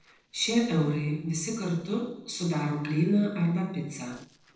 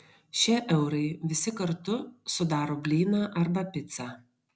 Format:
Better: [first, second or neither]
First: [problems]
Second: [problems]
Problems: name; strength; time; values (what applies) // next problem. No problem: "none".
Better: second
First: noise reduction (neural separator model SepFormer DNS4)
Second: none